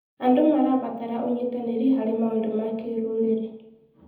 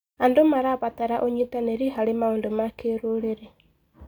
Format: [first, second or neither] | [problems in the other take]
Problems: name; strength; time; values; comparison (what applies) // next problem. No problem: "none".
second | room echo; dies away in 0.9 s